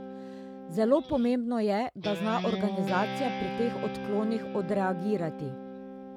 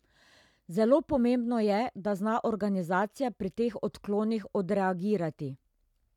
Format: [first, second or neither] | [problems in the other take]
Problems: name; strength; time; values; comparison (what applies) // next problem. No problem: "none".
second | background sound (Guitar); 7 dB below the speech